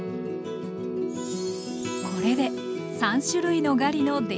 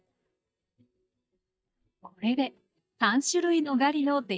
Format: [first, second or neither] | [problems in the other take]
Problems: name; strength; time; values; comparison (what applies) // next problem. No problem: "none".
first | noise reduction (neural mask model DeepFilterNet 3)